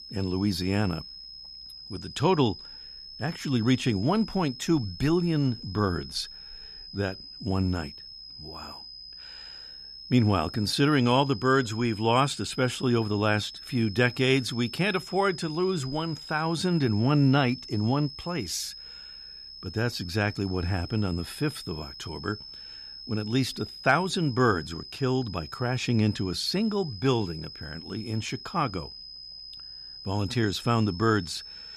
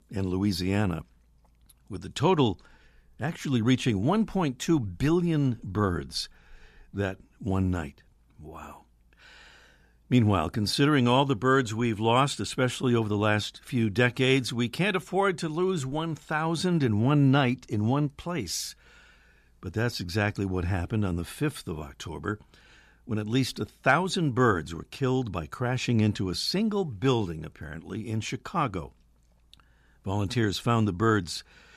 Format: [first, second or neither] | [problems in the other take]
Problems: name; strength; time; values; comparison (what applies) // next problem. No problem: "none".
second | high-pitched whine; noticeable; throughout; 5 kHz, 15 dB below the speech